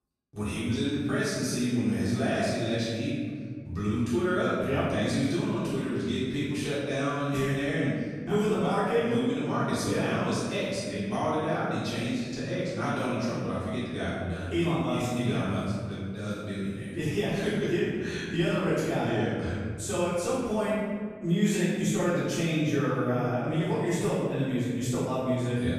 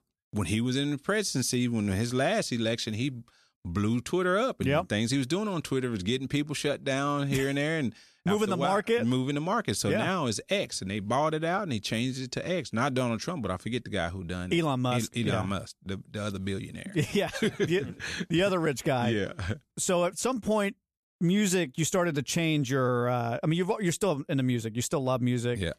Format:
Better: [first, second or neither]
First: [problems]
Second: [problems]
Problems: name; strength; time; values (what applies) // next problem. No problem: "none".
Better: second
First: room echo; strong; dies away in 1.8 s // off-mic speech; far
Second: none